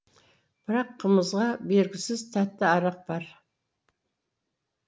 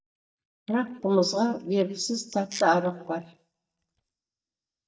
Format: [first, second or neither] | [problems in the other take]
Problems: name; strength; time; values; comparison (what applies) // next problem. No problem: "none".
first | noise reduction (neural mask model DeepFilterNet 3)